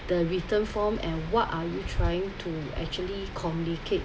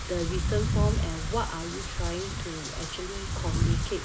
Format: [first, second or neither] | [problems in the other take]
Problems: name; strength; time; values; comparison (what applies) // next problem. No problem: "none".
first | background sound (Wind / Rain); 4 dB above the speech